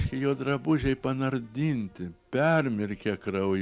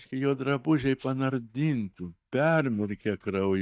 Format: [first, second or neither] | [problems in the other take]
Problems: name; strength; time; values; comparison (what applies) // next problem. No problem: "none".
first | noise reduction (neural mask model DeepFilterNet 3)